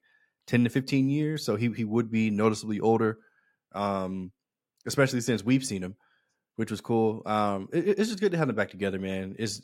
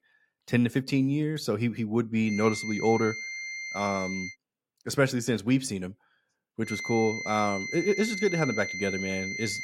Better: first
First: none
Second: high-pitched whine; loud; from 2.5 to 4.5 s and from 6.5 s on; 2 kHz, 6 dB below the speech

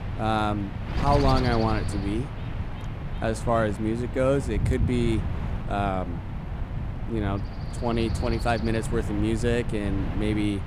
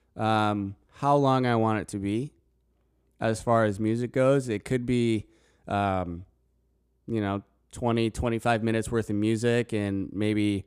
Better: second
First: wind noise on the microphone; occasional gusts; 10 dB below the speech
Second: none

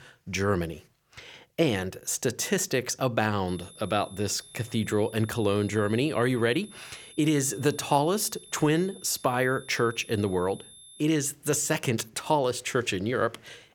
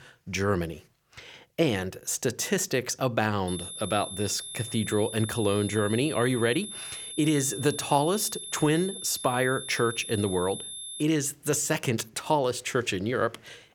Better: first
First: high-pitched whine; faint; from 3.5 to 11 s; 3.5 kHz, 20 dB below the speech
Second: high-pitched whine; loud; from 3.5 to 11 s; 3.5 kHz, 9 dB below the speech

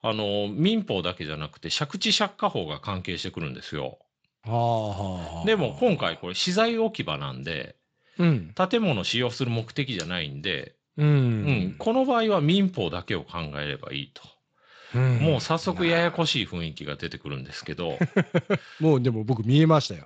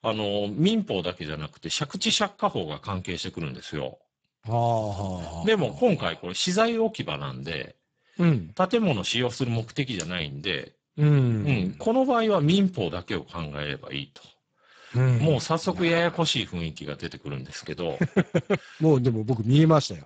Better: first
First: garbled, watery; slightly; nothing above 7.5 kHz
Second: garbled, watery; badly; nothing above 7.5 kHz

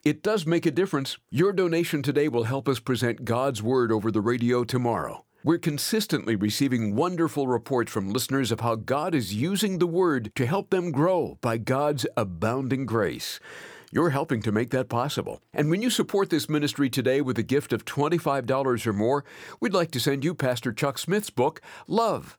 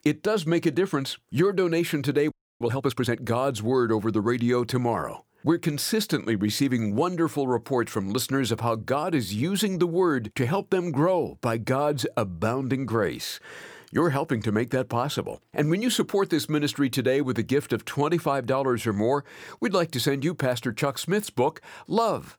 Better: first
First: none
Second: audio freezing; at 2.5 s

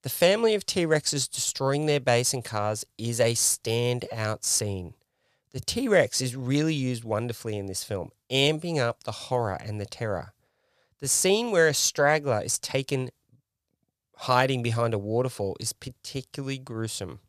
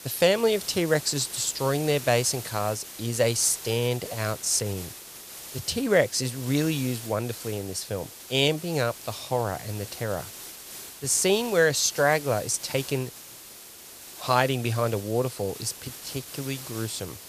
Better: first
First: none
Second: hiss; noticeable; throughout; 15 dB below the speech

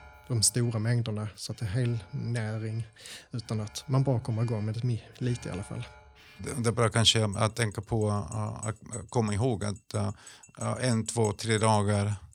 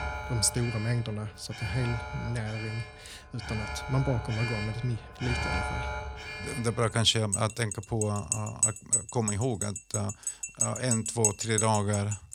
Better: first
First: alarms or sirens; faint; throughout; 20 dB below the speech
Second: alarms or sirens; loud; throughout; 2 dB below the speech

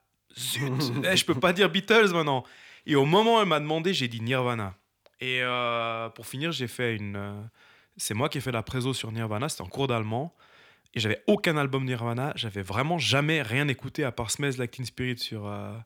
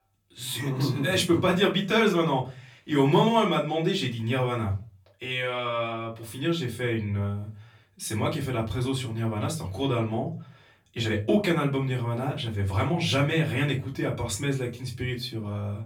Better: first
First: none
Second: off-mic speech; far // room echo; slight; dies away in 0.3 s

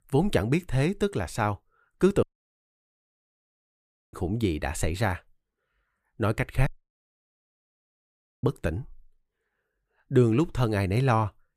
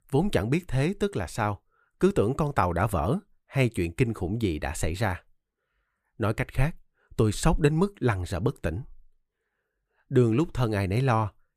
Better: second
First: audio cutting out; at 2 s for 2 s and at 6.5 s for 2 s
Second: none

